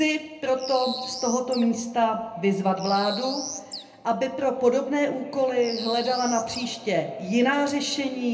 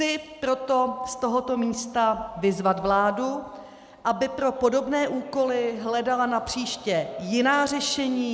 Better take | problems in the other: second | background sound (Bird); 11 dB below the speech // room echo; dies away in 0.3 s

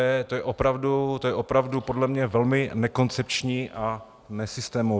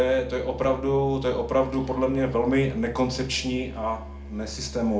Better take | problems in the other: first | background sound (Musical instrument); 13 dB below the speech // room echo; dies away in 0.4 s

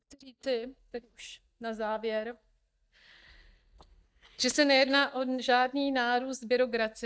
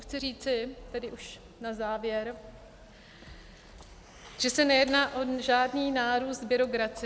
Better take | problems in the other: second | noise reduction (neural mask model DeepFilterNet 3)

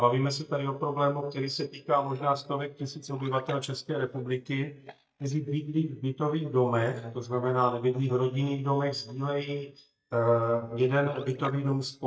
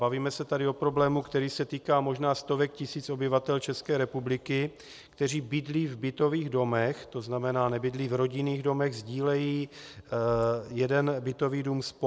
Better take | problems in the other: second | noise reduction (neural mask model DeepFilterNet 3)

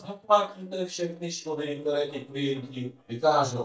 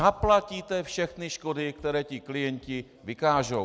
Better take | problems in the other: second | noise reduction (neural mask model DeepFilterNet 3)

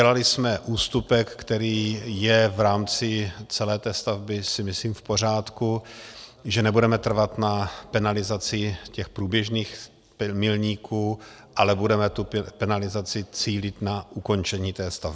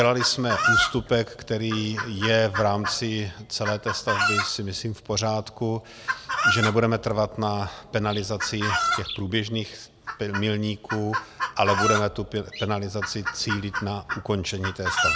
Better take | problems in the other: first | background sound (Chicken, rooster); 3 dB below the speech

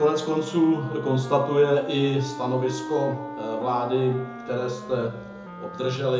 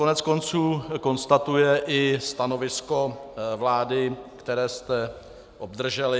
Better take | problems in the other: second | background sound (Wind instrument, woodwind instrument); 13 dB below the speech // room echo; dies away in 0.6 s

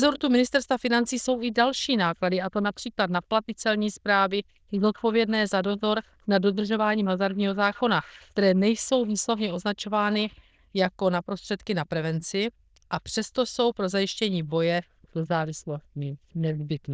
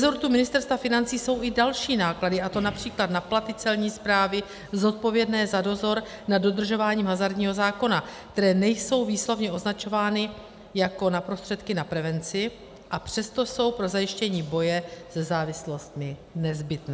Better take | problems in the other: second | noise reduction (neural diffusion model UNIVERSE++)

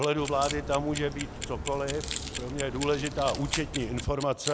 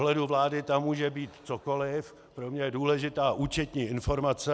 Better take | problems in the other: second | background sound (Clock + Crack); 6 dB below the speech

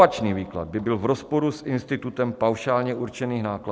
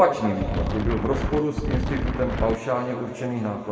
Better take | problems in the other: first | background sound (Wind); 1 dB below the speech // room echo; dies away in 2.1 s

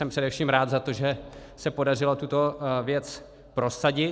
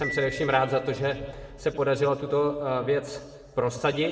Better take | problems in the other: first | background sound (Marimba, xylophone); 16 dB below the speech // room echo; dies away in 1.3 s

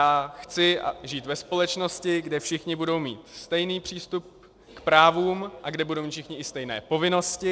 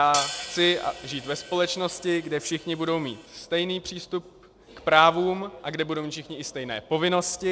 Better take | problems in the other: first | background sound (Hi-hat); 12 dB below the speech

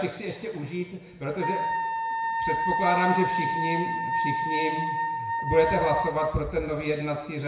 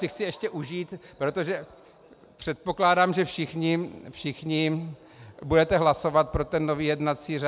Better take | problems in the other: second | background sound (Wind instrument, woodwind instrument); 1 dB below the speech // room echo; dies away in 0.9 s

